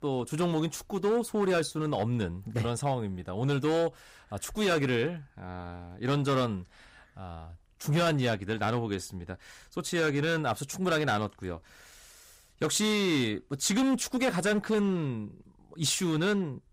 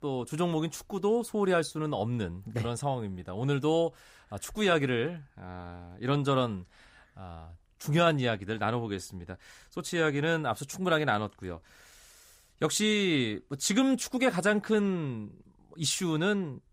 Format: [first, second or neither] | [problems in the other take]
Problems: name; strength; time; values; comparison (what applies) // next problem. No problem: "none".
second | distortion; slight; 7% of the sound clipped